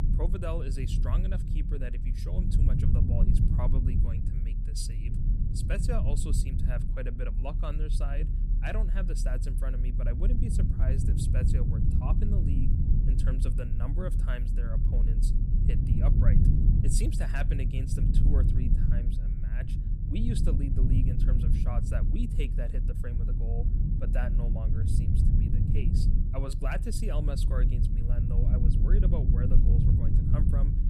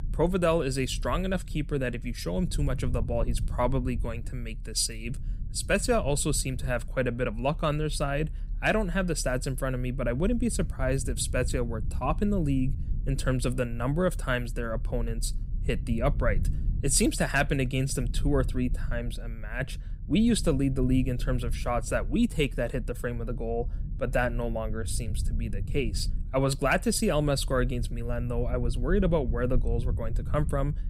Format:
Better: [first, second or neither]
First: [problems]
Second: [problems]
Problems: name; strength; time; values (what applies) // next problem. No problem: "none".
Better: second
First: low rumble; loud; throughout; 1 dB below the speech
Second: low rumble; faint; throughout; 20 dB below the speech